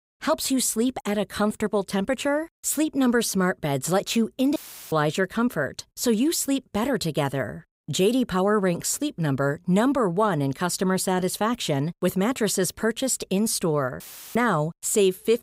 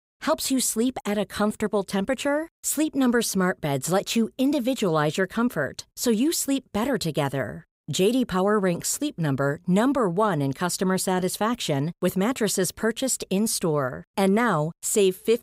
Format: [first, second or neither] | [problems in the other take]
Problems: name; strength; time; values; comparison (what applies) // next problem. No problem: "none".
second | audio cutting out; filled with static; at 4.5 s and at 14 s